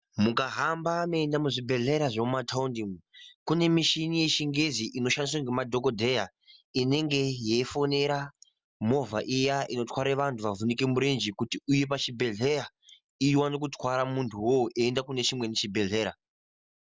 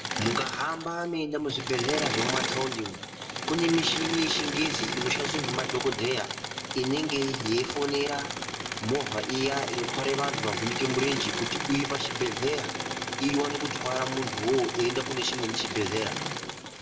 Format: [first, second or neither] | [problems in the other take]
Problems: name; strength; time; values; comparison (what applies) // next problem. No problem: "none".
first | background sound (Engine / Mechanisms); 2 dB below the speech // room echo; dies away in 0.6 s